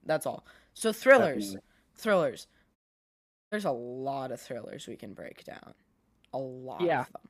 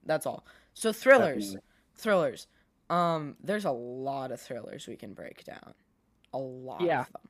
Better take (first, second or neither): second